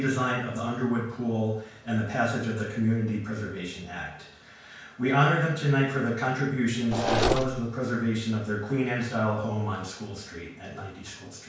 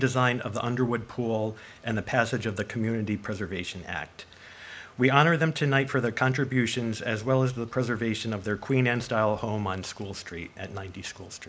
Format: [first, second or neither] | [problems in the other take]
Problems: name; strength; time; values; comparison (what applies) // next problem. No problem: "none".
second | background sound (Mechanisms); 1 dB above the speech // room echo; dies away in 0.5 s